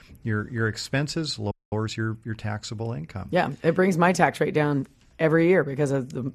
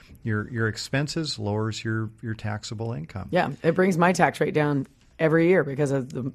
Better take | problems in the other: second | audio freezing; at 1.5 s

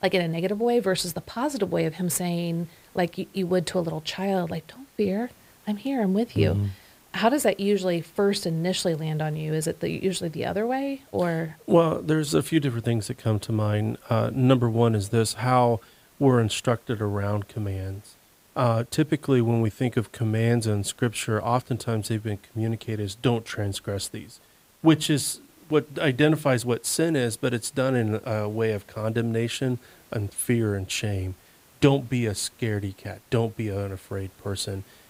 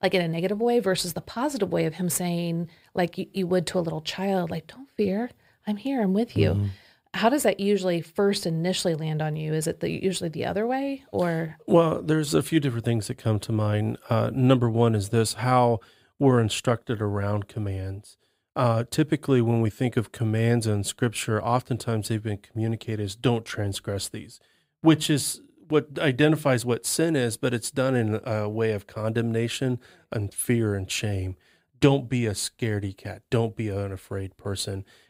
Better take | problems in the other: second | hiss; faint; throughout; 30 dB below the speech

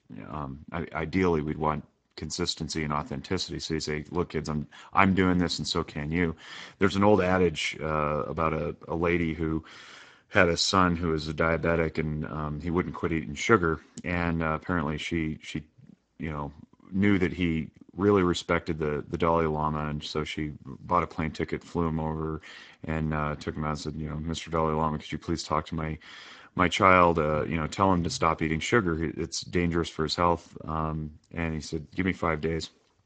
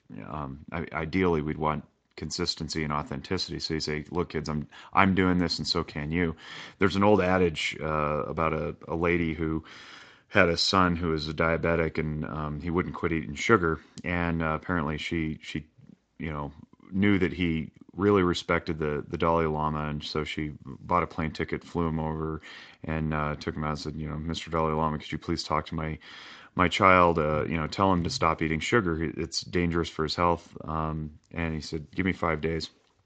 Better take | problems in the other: second | garbled, watery; badly; nothing above 7.5 kHz; slightly in the second

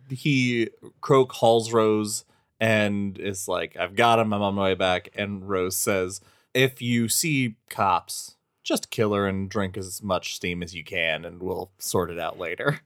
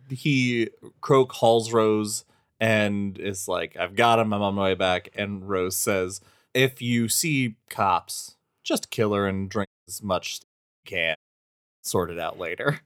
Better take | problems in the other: first | audio cutting out; at 9.5 s, at 10 s and at 11 s for 0.5 s

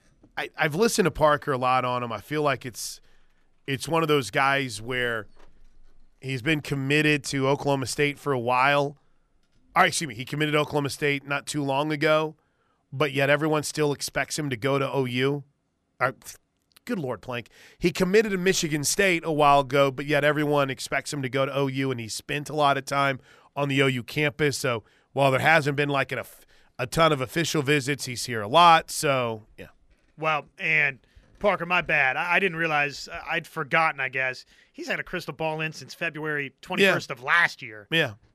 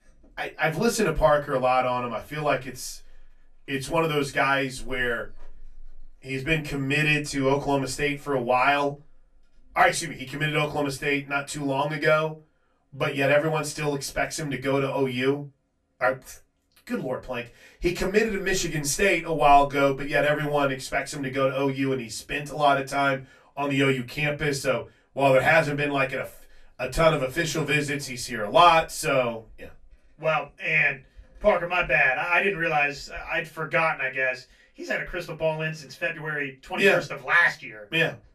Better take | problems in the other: first | off-mic speech; far // room echo; very slight; dies away in 0.2 s

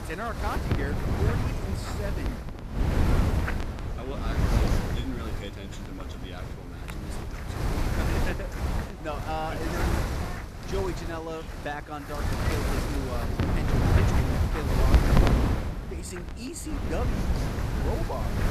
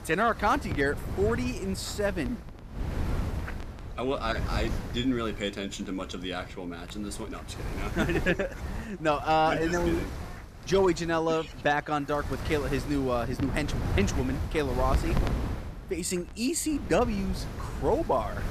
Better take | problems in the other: second | wind noise on the microphone; heavy; 3 dB above the speech; occasional gusts in the second

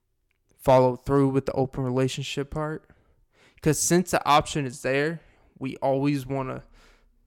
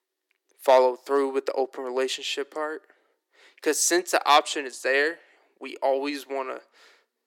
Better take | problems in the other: first | thin; somewhat; fading below 350 Hz

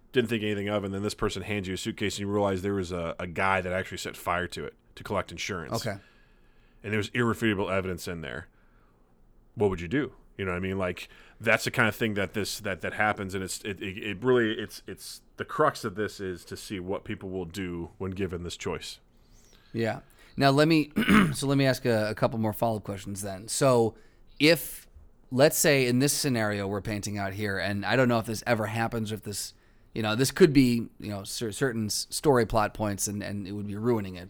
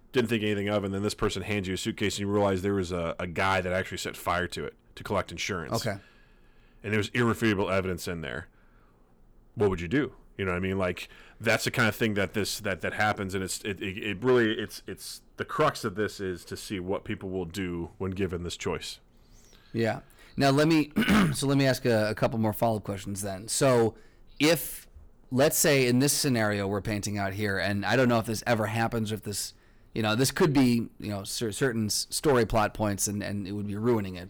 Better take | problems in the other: first | distortion; slight; 3% of the sound clipped

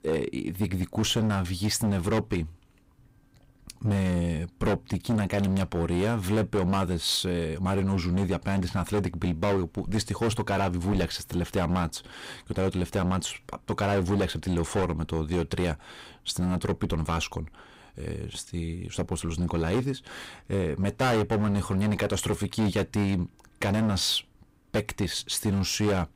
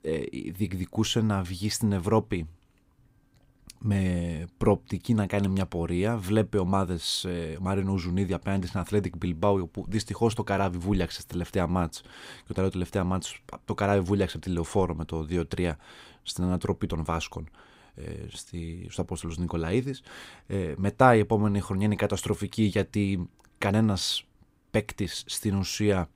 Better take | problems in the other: second | distortion; heavy; 12% of the sound clipped

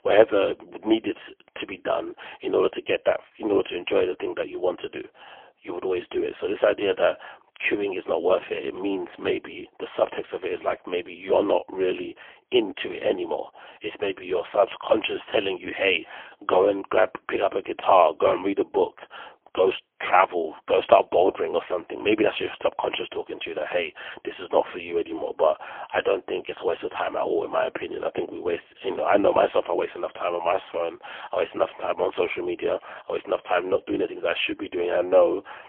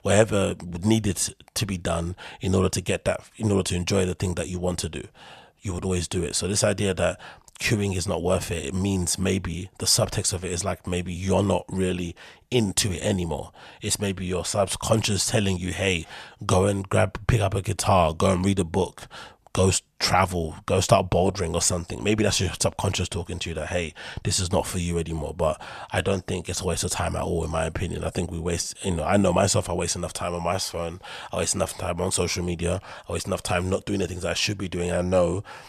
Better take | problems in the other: second | phone-call audio; poor line; nothing above 3.5 kHz

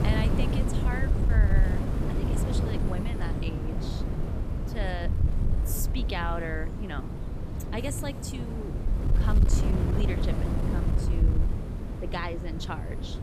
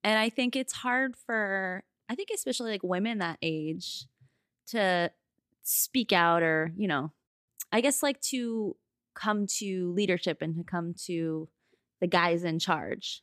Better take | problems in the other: second | wind noise on the microphone; heavy; 2 dB below the speech

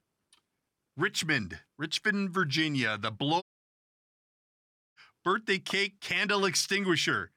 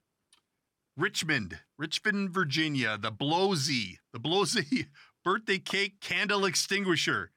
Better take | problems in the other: second | audio cutting out; at 3.5 s for 1.5 s

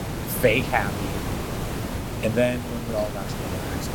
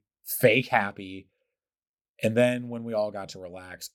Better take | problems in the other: second | hiss; loud; throughout; 5 dB below the speech

